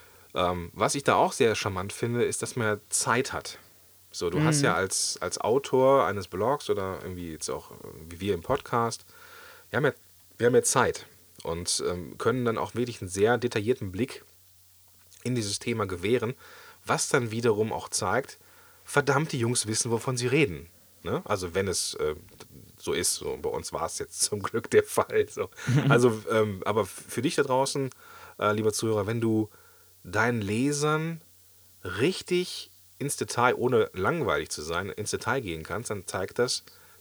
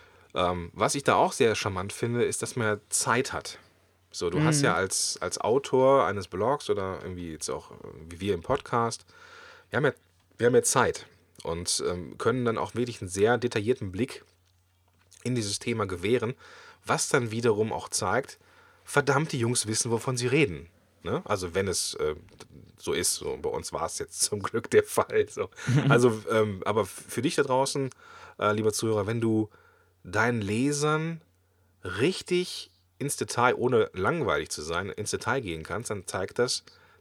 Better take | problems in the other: second | hiss; faint; throughout; 25 dB below the speech

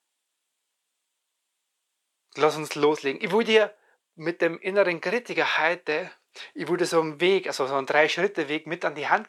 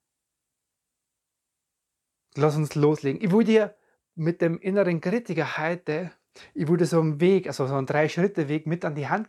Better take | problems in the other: second | thin; somewhat; fading below 400 Hz

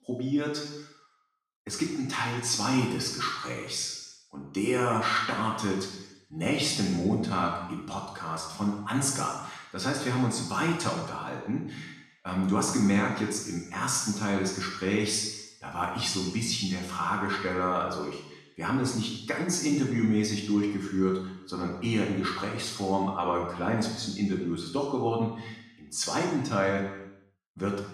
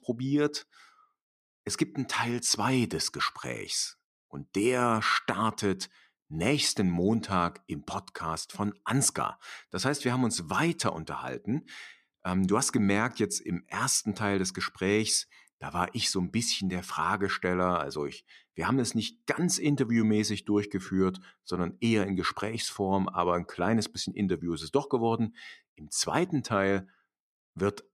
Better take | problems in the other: second | room echo; noticeable; dies away in 0.9 s // off-mic speech; far

